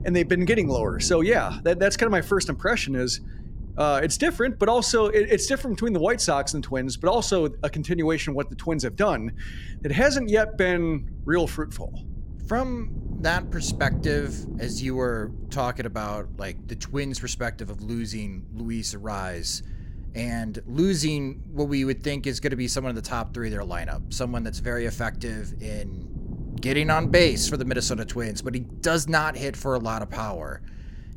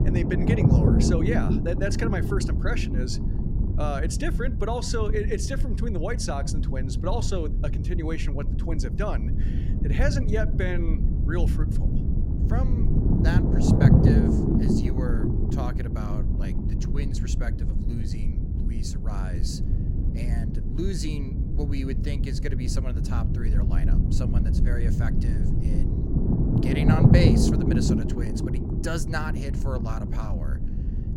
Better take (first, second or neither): first